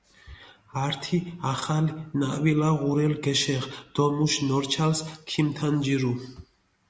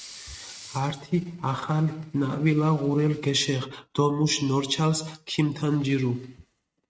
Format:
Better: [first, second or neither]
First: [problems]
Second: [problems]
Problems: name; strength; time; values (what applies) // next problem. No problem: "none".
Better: first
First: none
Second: noise reduction (neural mask model RNNoise)